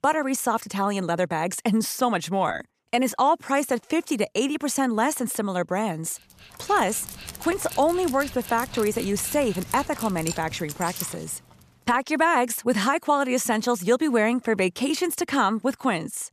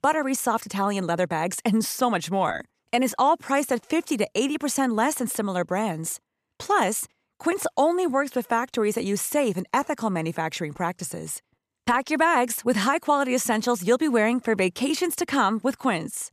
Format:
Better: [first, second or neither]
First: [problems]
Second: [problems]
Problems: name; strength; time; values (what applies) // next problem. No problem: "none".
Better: second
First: dog barking; noticeable; from 6.5 to 11 s; peak 8 dB below the speech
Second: none